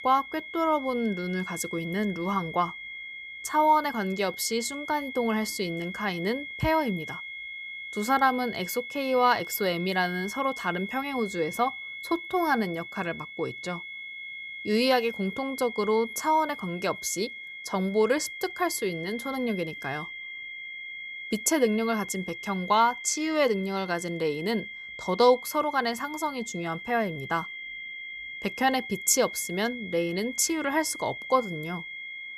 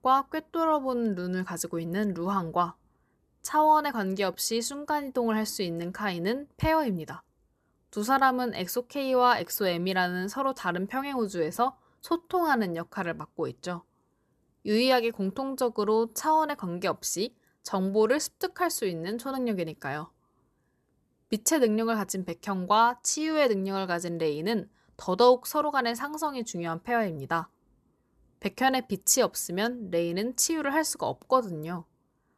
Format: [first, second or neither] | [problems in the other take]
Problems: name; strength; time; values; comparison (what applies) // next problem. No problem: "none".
second | high-pitched whine; loud; throughout; 2 kHz, 10 dB below the speech